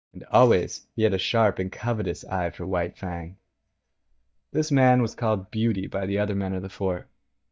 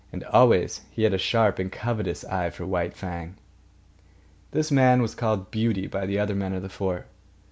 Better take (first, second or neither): second